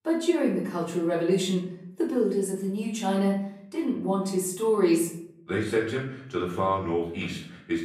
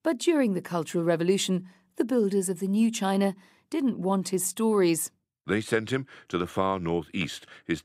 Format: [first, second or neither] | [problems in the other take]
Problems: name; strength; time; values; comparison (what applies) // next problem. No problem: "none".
second | off-mic speech; far // room echo; noticeable; dies away in 0.6 s